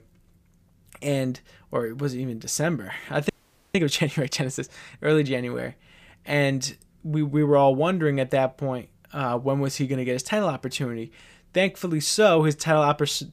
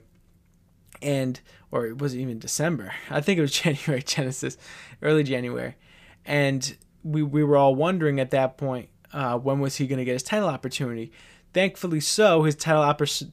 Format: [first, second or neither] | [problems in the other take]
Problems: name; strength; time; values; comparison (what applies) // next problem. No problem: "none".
second | audio freezing; at 3.5 s